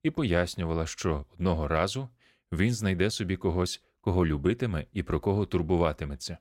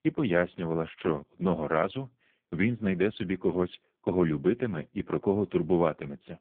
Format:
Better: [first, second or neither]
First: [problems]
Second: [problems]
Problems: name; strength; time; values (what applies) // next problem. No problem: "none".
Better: first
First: none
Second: phone-call audio; poor line; nothing above 3.5 kHz